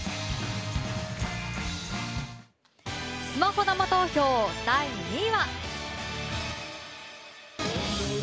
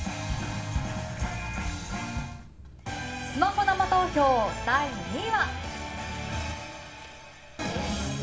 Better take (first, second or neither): first